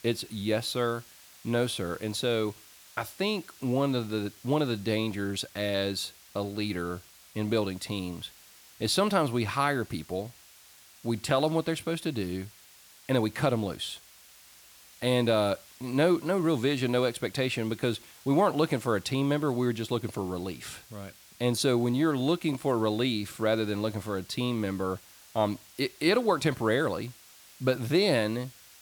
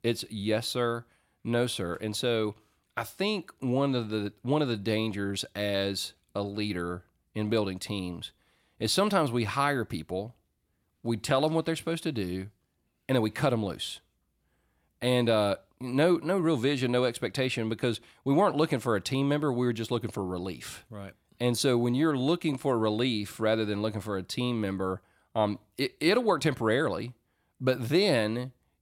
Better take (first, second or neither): second